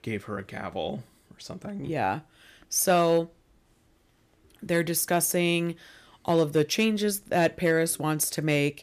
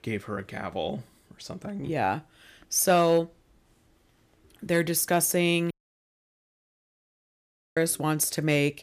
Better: first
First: none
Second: audio cutting out; at 5.5 s for 2 s

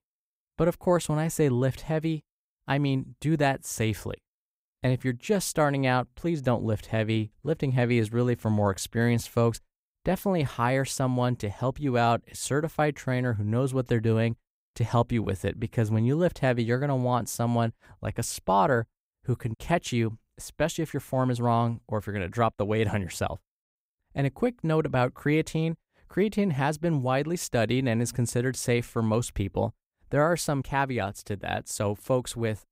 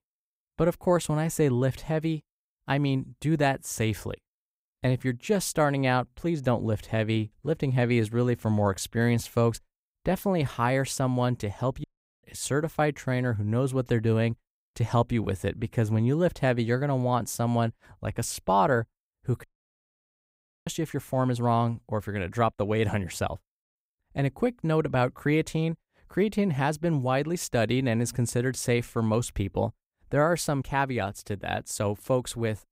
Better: first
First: none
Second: audio cutting out; at 12 s and at 19 s for 1 s

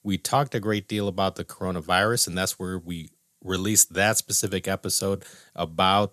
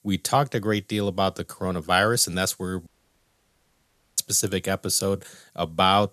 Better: first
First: none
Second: audio cutting out; at 3 s for 1.5 s

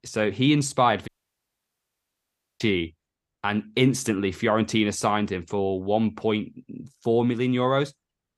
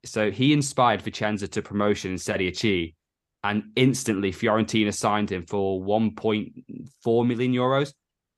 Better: second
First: audio cutting out; at 1 s for 1.5 s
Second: none

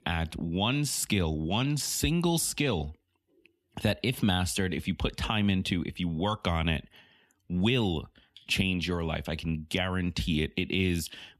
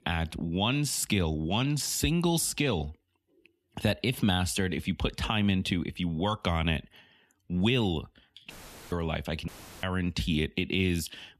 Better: first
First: none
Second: audio cutting out; filled with static; at 8.5 s and at 9.5 s

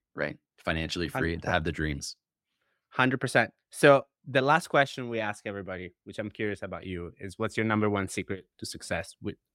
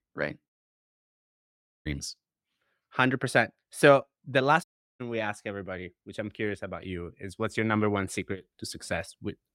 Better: first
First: none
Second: audio cutting out; at 0.5 s for 1.5 s and at 4.5 s

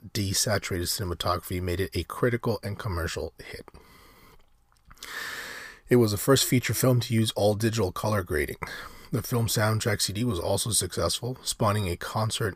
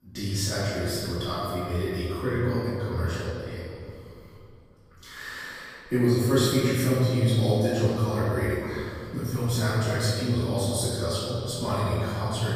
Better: first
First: none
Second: room echo; strong; dies away in 2.3 s // off-mic speech; far

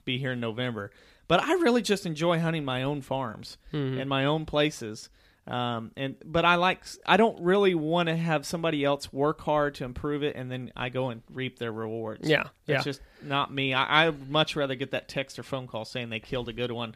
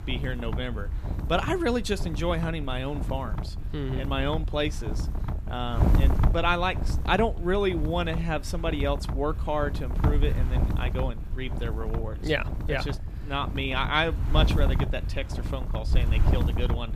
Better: first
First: none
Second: wind noise on the microphone; occasional gusts; 10 dB below the speech

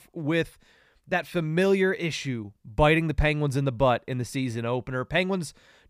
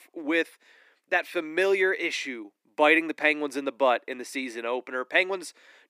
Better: first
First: none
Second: thin; somewhat; fading below 300 Hz

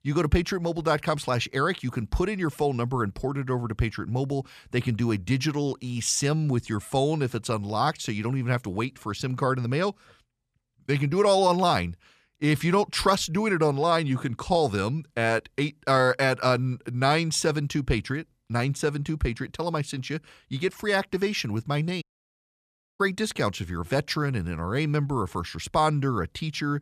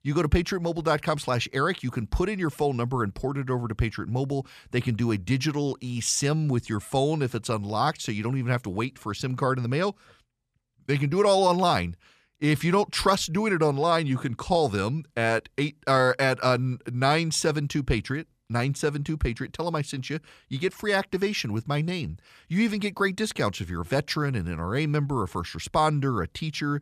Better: second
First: audio cutting out; at 22 s for 1 s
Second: none

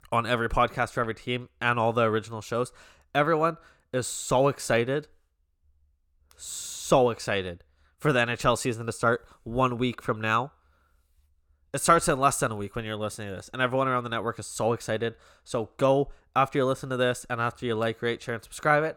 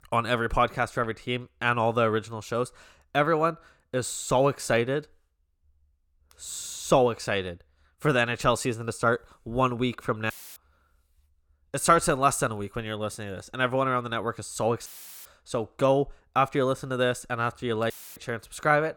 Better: first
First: none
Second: audio cutting out; filled with static; at 10 s, at 15 s and at 18 s

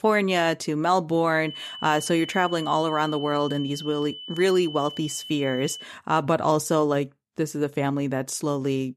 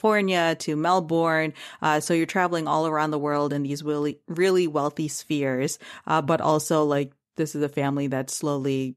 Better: second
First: high-pitched whine; noticeable; from 1.5 to 6 s; 3 kHz, 10 dB below the speech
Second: none

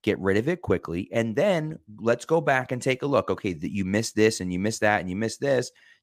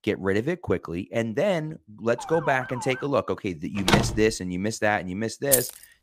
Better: first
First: none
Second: siren; noticeable; at 2 s; peak 9 dB below the speech // door banging; loud; at 4 s; peak 4 dB above the speech // jangling keys; loud; at 5.5 s; peak 4 dB above the speech

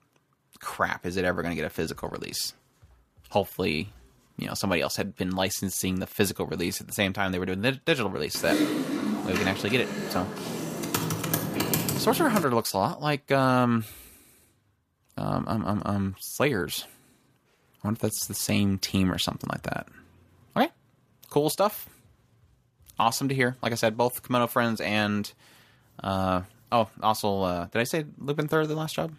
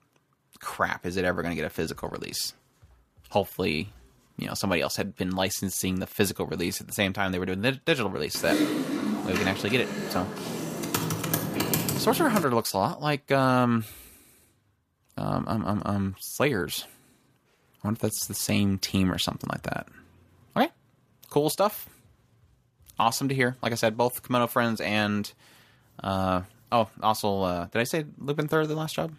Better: neither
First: keyboard typing; loud; from 8.5 to 12 s; peak 2 dB above the speech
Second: keyboard typing; loud; from 8.5 to 12 s; peak 2 dB above the speech

